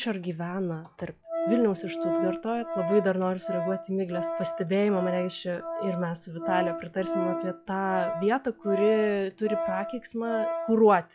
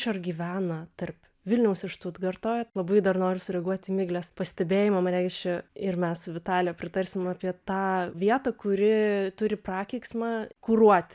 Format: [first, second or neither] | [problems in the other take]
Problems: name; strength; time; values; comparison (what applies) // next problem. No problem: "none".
second | noise reduction (classical method log-MMSE)